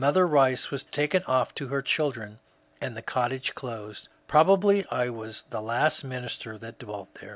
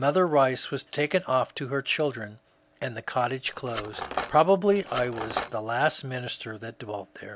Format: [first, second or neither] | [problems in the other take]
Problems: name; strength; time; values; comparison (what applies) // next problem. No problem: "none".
first | background sound (Cutlery, silverware); 8 dB below the speech